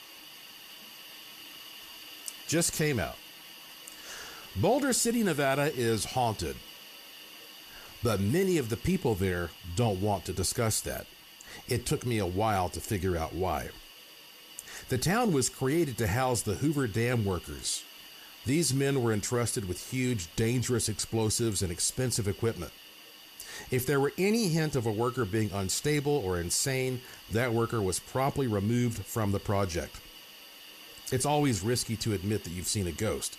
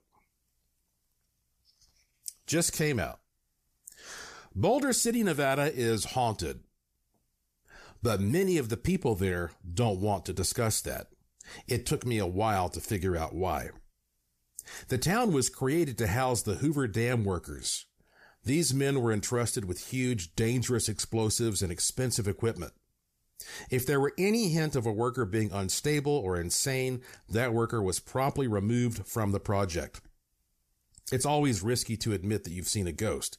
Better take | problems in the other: second | hiss; noticeable; throughout; 15 dB below the speech

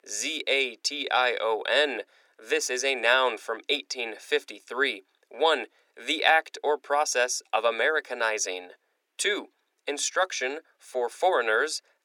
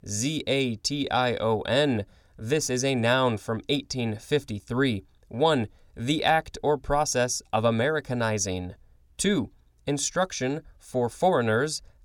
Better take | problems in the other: second | thin; very; fading below 350 Hz

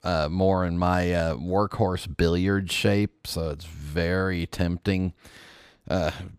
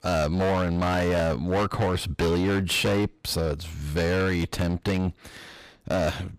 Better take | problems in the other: first | distortion; heavy; 22% of the sound clipped

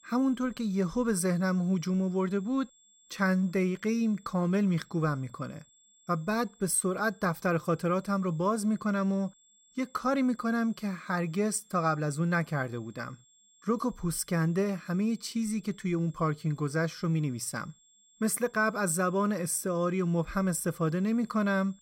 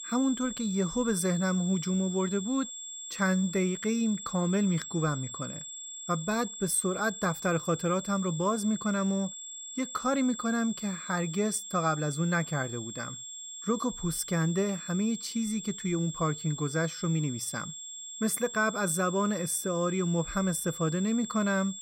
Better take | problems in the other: first | high-pitched whine; loud; throughout; 7.5 kHz, 9 dB below the speech; faint in the first

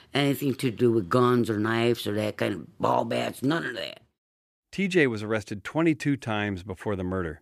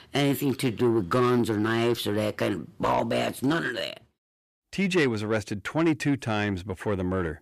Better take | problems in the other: first | distortion; slight; 10 dB below the speech

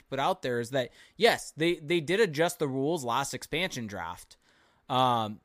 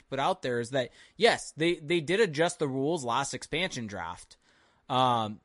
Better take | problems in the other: first | garbled, watery; slightly; nothing above 10.5 kHz

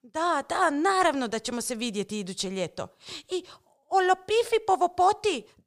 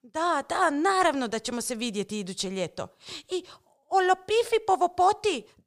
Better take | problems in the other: neither | none

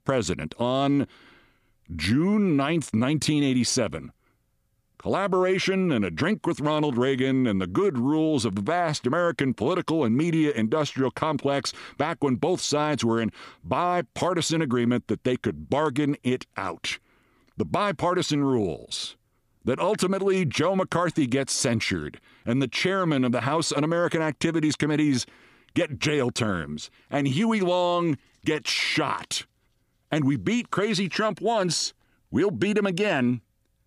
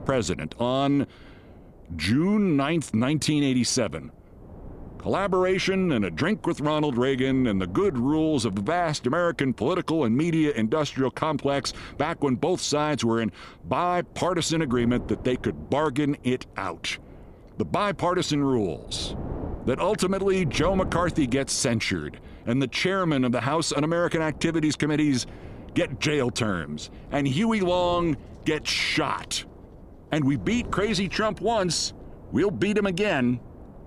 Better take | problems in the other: first | wind noise on the microphone; occasional gusts; 20 dB below the speech

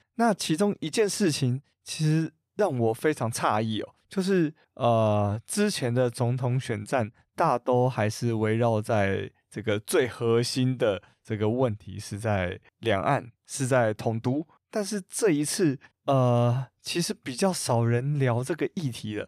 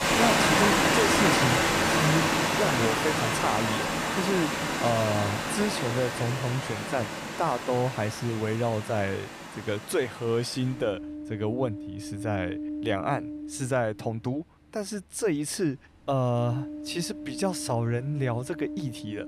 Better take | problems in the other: first | rain or running water; very loud; throughout; 3 dB above the speech

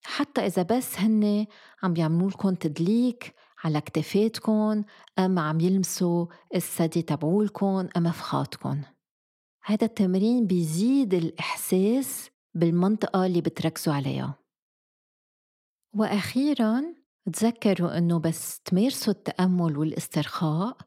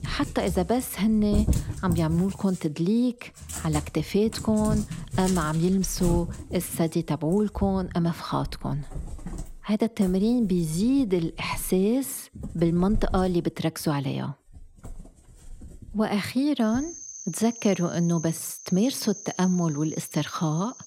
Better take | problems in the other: first | animal sounds; noticeable; throughout; 10 dB below the speech

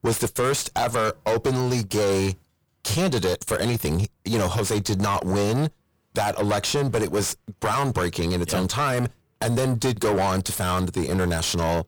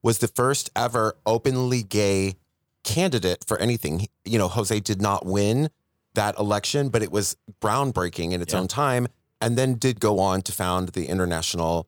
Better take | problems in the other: second | distortion; heavy; 5 dB below the speech

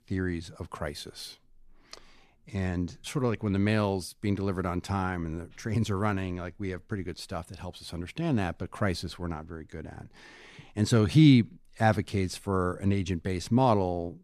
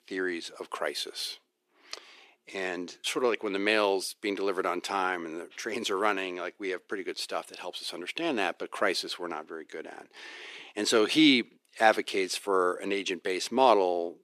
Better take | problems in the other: first | thin; somewhat; fading below 350 Hz

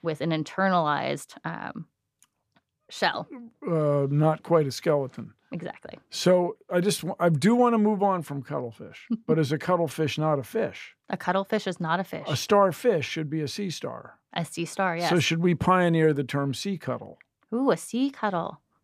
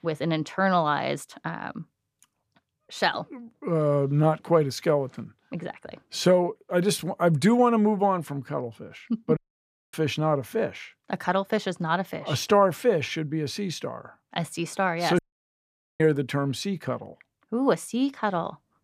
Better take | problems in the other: first | audio cutting out; at 9.5 s for 0.5 s and at 15 s for 1 s

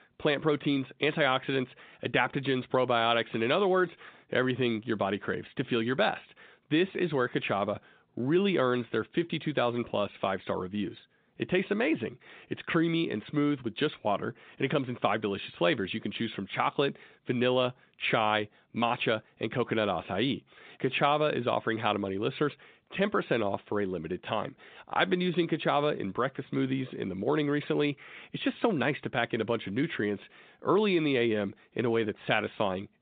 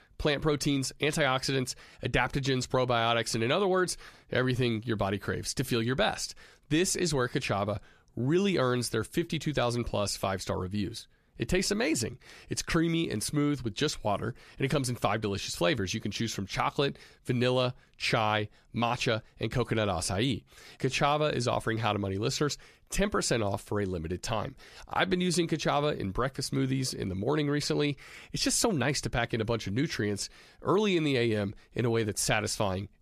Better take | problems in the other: second | phone-call audio; nothing above 3.5 kHz

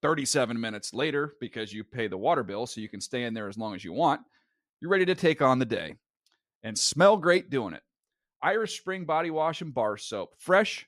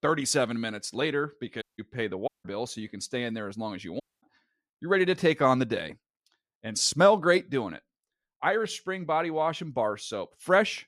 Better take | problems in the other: first | audio cutting out; at 1.5 s, at 2.5 s and at 4 s

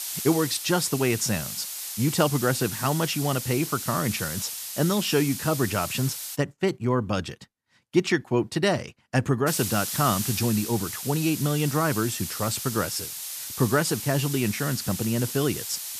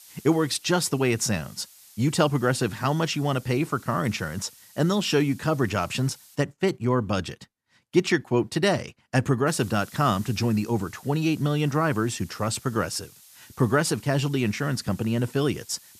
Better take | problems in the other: second | hiss; loud; until 6.5 s and from 9.5 s on; 6 dB below the speech; faint in the second

